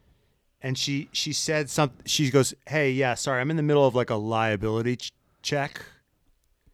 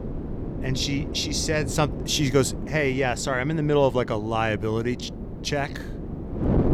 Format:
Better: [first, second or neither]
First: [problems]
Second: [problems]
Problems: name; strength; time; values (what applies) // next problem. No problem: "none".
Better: first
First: none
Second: wind noise on the microphone; occasional gusts; 15 dB below the speech